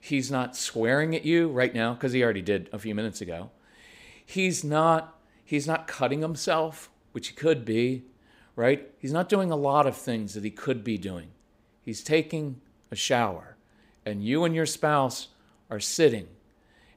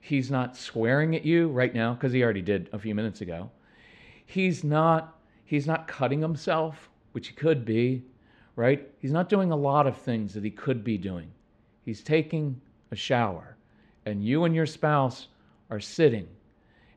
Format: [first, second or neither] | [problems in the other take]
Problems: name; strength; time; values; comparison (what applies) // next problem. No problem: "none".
first | muffled; slightly; fading above 3.5 kHz